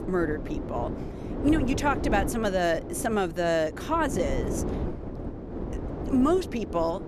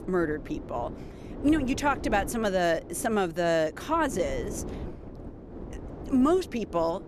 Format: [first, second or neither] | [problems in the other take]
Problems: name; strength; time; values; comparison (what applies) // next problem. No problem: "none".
second | wind noise on the microphone; heavy; 10 dB below the speech; occasional gusts in the second